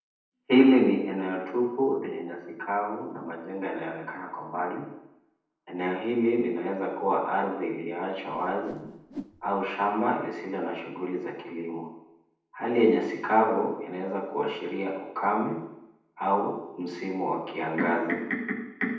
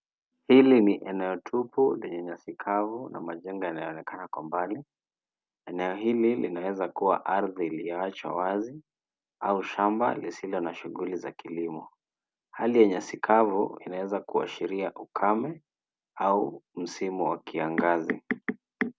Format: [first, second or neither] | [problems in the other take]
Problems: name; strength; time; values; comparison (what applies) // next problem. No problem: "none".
second | noise reduction (neural separator model SepFormer DNS4)